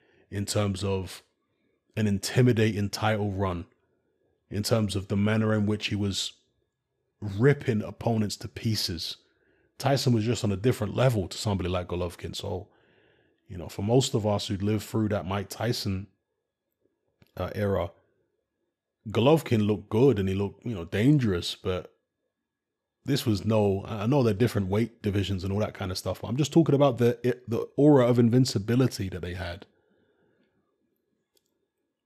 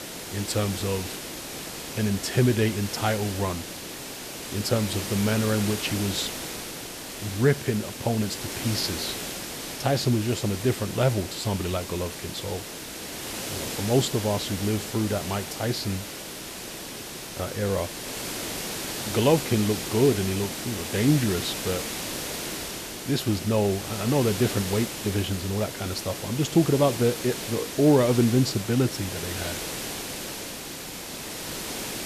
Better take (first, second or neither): first